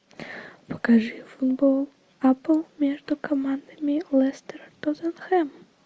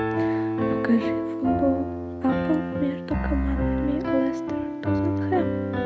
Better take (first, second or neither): first